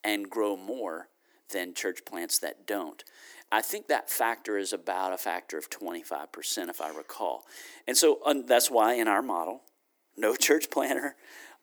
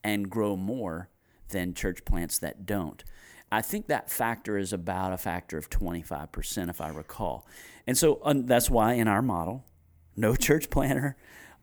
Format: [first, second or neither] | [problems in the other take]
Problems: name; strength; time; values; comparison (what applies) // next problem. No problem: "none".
second | thin; somewhat; fading below 300 Hz